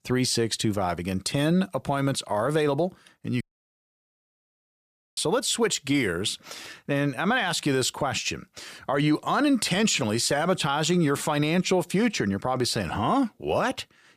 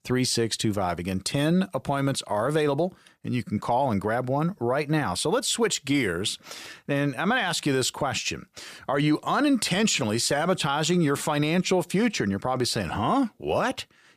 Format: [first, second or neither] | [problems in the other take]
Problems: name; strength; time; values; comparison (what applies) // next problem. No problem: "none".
second | audio cutting out; at 3.5 s for 2 s